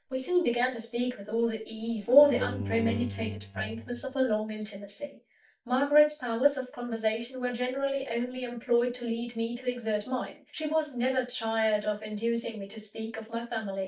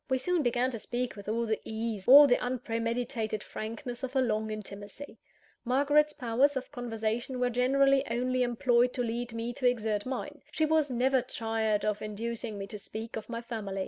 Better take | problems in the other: second | noise reduction (neural mask model DeepFilterNet 3)

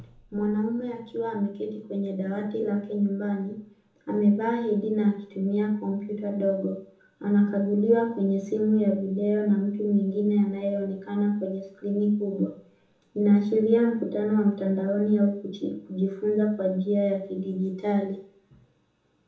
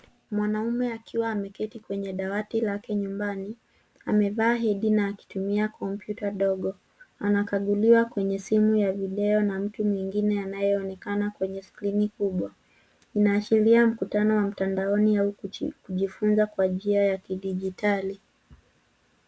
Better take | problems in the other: second | room echo; dies away in 1 s

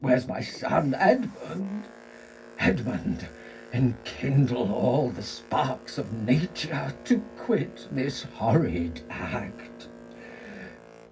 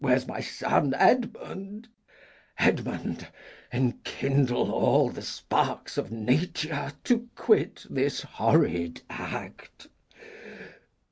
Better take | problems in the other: second | background sound (Boat, Water vehicle); 18 dB below the speech // room echo; dies away in 0.4 s

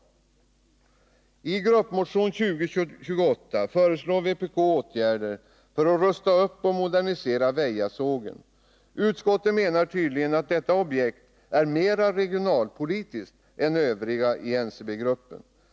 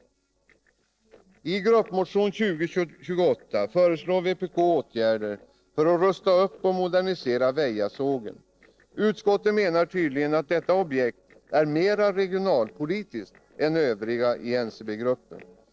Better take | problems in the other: first | noise reduction (neural separator model SepFormer DNS4)

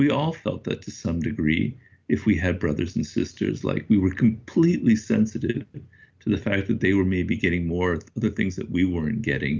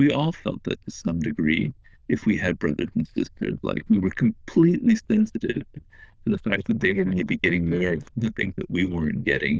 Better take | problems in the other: first | noise reduction (neural diffusion model UNIVERSE++)

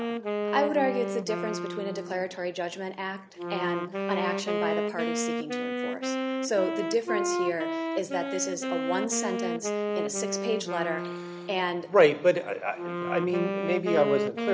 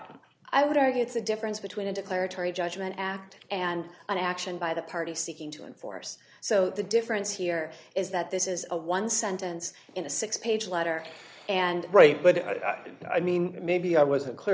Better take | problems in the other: second | background sound (Wind instrument, woodwind instrument); 2 dB below the speech

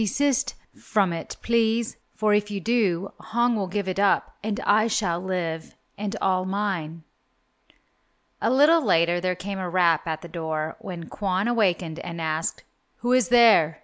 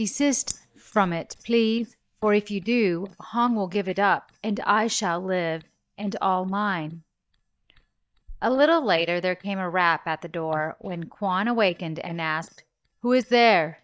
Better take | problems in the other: first | noise reduction (neural mask model DeepFilterNet 3)

